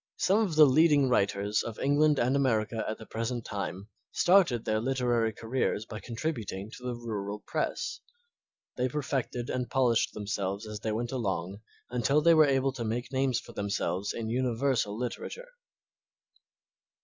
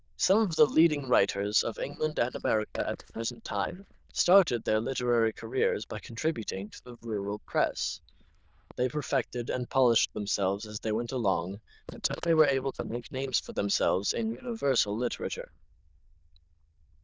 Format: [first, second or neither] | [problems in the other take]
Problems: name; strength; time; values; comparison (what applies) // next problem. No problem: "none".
first | noise reduction (neural diffusion model UNIVERSE++)